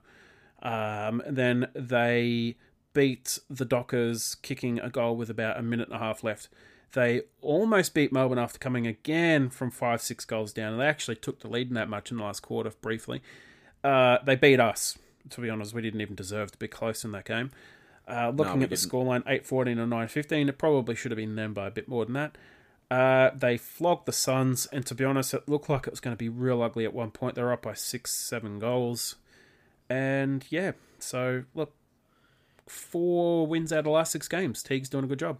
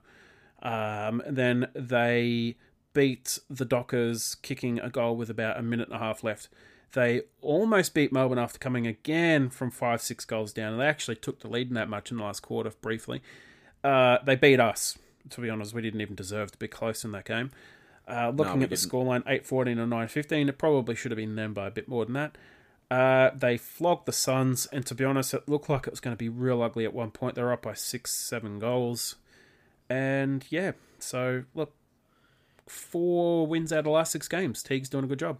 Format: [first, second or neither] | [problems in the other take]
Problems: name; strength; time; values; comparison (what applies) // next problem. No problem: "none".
neither | none